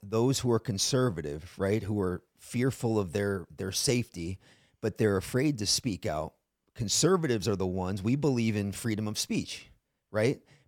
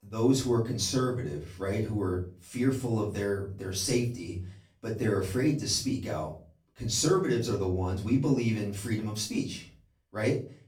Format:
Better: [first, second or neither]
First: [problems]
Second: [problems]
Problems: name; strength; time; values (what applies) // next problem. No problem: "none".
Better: first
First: none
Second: off-mic speech; far // room echo; slight; dies away in 0.3 s